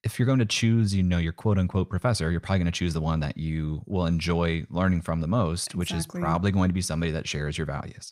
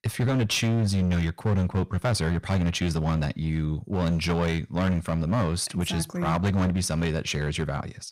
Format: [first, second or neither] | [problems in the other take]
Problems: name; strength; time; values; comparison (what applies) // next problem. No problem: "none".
first | distortion; slight; 16% of the sound clipped